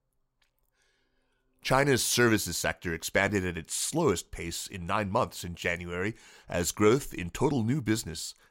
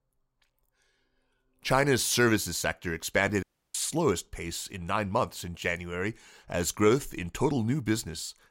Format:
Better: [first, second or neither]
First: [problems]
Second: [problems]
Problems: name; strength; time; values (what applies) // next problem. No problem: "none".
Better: first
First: none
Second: audio cutting out; at 3.5 s